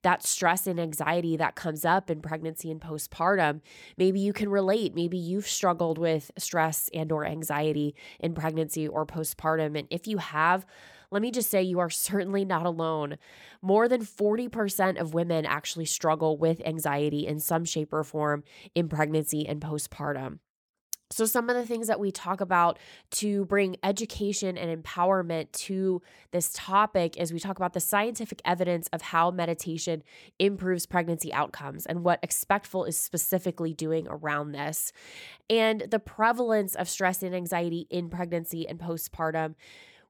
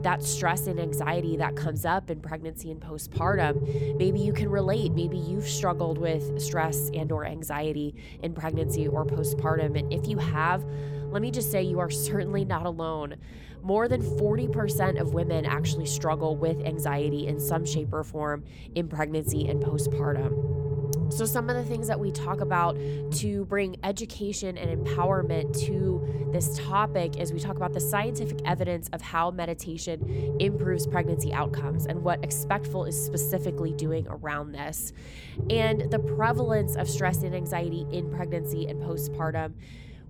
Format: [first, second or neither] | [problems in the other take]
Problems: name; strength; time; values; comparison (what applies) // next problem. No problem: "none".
first | low rumble; loud; throughout; 6 dB below the speech